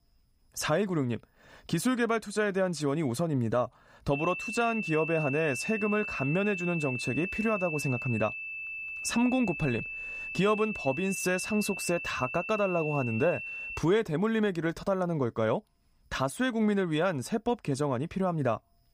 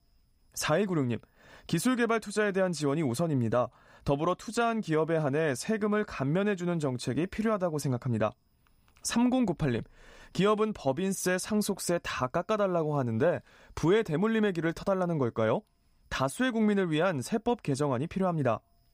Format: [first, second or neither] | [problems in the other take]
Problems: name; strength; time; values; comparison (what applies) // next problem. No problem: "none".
second | high-pitched whine; loud; from 4 to 14 s; 2.5 kHz, 5 dB below the speech